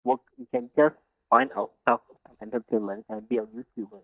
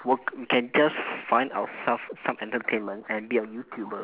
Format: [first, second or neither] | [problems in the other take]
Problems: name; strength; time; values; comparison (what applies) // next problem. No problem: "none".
second | noise reduction (neural mask model DeepFilterNet 3)